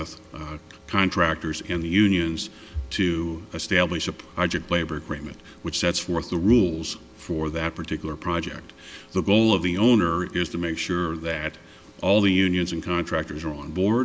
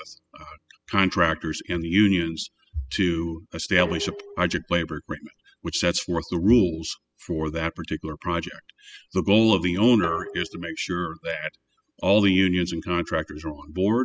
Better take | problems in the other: first | noise reduction (classical method spectral subtraction)

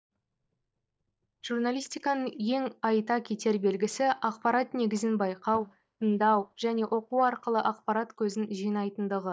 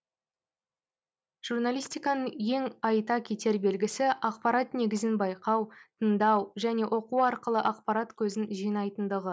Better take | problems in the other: second | noise reduction (neural mask model DeepFilterNet 3)

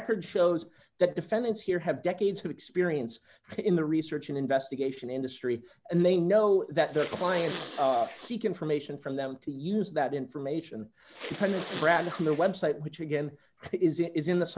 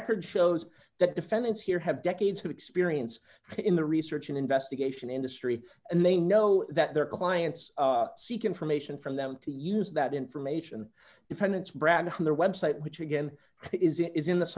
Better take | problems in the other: second | background sound (Respiratory sounds); 15 dB below the speech

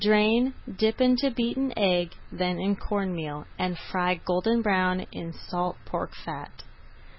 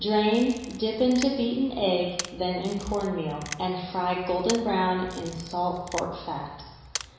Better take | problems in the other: first | background sound (Camera); 15 dB below the speech // room echo; dies away in 1 s

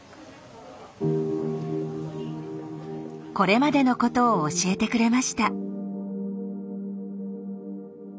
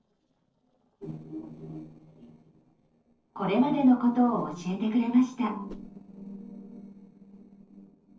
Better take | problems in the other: first | noise reduction (neural separator model SepFormer DNS4)

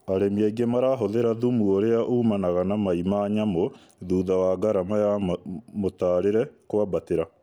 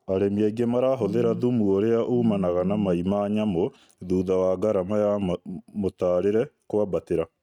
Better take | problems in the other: first | noise reduction (neural mask model RNNoise)

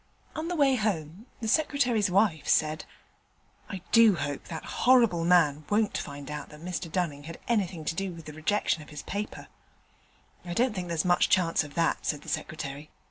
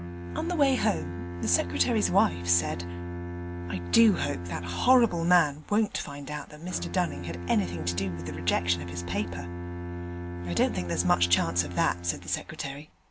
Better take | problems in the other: first | background sound (Bowed string instrument); 7 dB below the speech

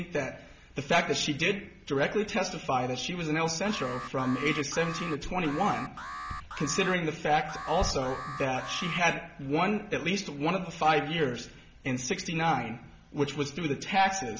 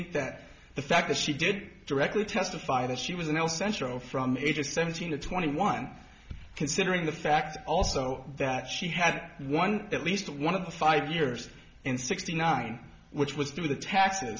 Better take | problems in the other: second | background sound (Alarm); 10 dB below the speech

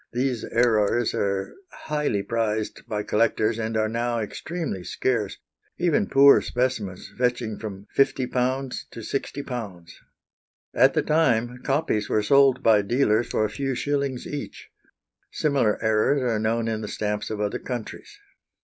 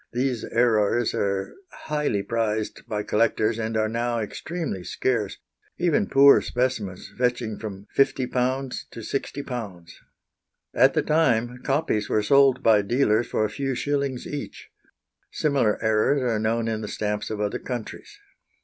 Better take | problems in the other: second | noise reduction (neural mask model Resemble Enhance denoiser)

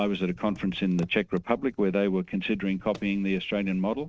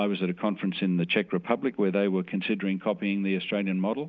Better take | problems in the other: second | noise reduction (neural mask model RNNoise)

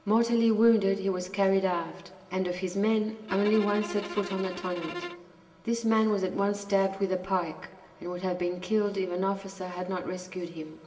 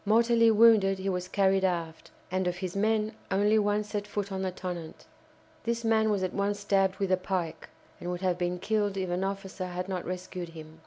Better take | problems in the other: second | background sound (Bowed string instrument); 11 dB below the speech // room echo; dies away in 1.9 s

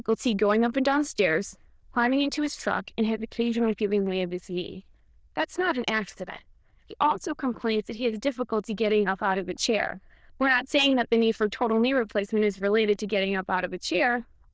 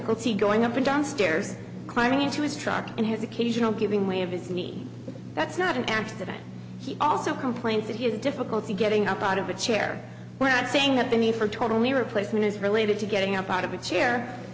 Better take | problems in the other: second | noise reduction (neural diffusion model UNIVERSE++)

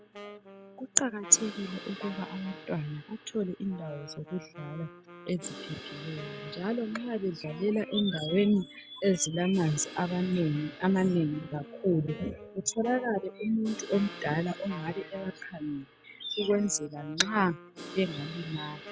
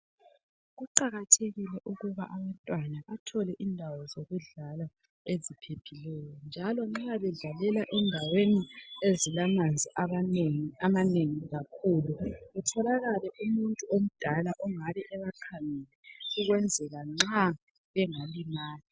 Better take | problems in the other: second | background sound (Crash cymbal + Wind instrument, woodwind instrument); 15 dB below the speech

